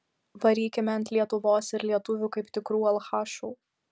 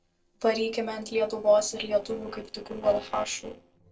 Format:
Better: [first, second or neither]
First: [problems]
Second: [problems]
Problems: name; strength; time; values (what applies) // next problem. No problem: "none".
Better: first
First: none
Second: noise reduction (neural separator model SepFormer DNS4)